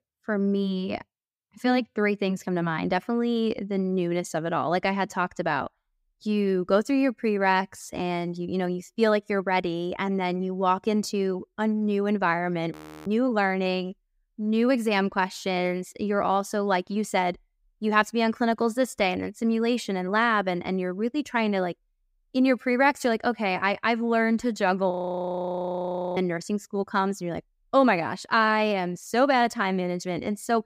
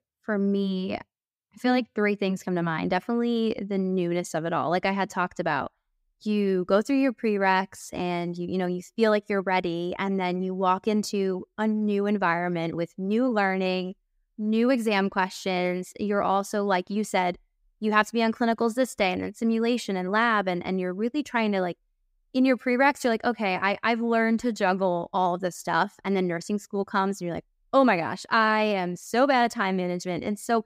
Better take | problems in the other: second | audio freezing; at 13 s and at 25 s for 1.5 s

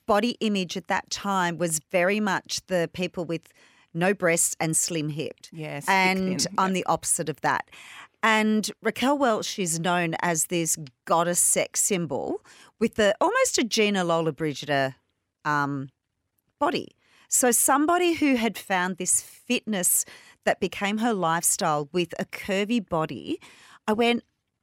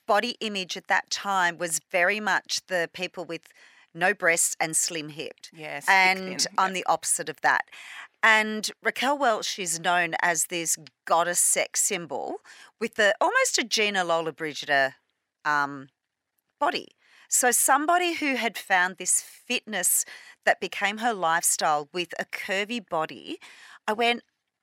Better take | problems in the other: first | thin; somewhat; fading below 500 Hz

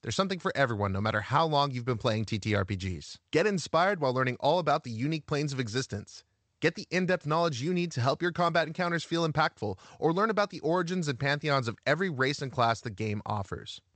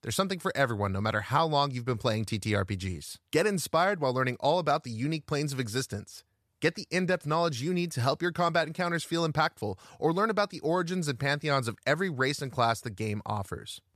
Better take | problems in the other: second | garbled, watery; slightly; nothing above 8 kHz

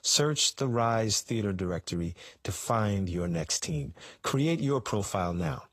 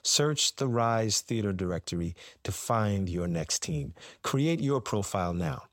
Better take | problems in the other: second | garbled, watery; slightly; nothing above 14.5 kHz

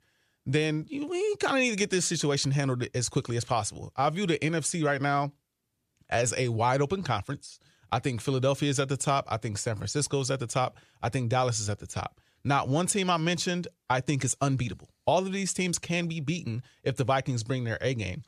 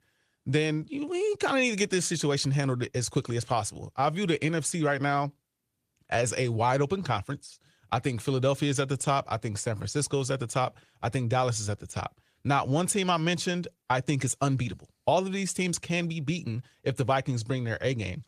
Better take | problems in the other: first | garbled, watery; slightly; nothing above 14.5 kHz

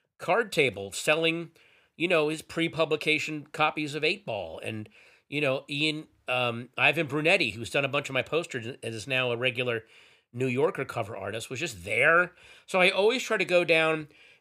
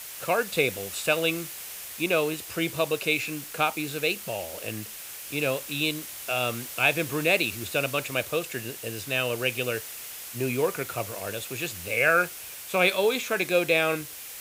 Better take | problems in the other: first | hiss; loud; throughout; 10 dB below the speech

